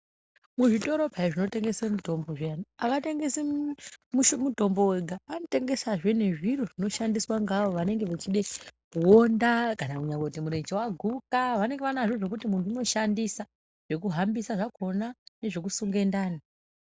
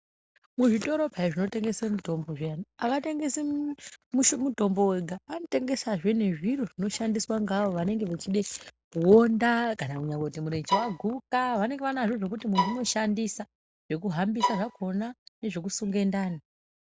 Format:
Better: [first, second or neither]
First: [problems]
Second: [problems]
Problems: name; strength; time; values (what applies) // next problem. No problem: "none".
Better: first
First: none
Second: background sound (Bowed string instrument); 2 dB below the speech